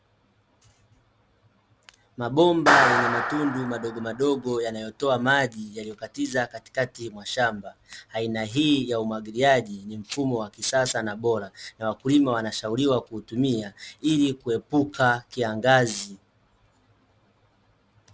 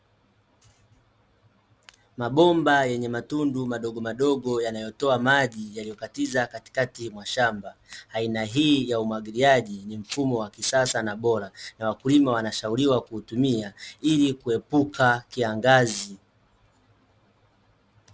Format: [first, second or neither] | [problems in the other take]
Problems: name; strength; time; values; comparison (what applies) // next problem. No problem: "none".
second | background sound (Clapping); 1 dB below the speech